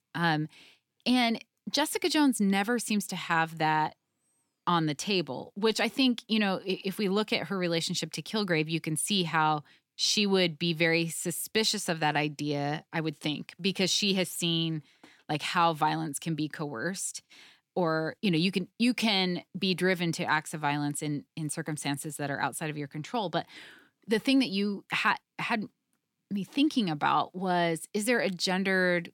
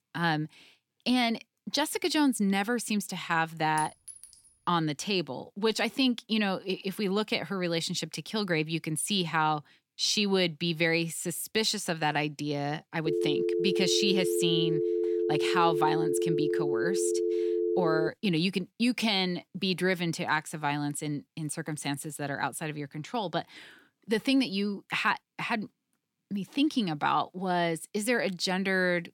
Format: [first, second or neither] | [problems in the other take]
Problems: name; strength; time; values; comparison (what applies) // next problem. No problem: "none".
first | clattering dishes; faint; at 4 s; peak 10 dB below the speech // phone ringing; loud; from 13 to 18 s; peak 1 dB above the speech